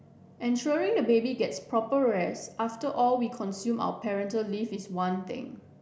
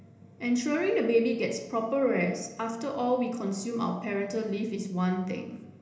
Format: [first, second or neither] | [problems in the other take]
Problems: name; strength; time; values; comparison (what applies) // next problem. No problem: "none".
first | room echo; dies away in 1 s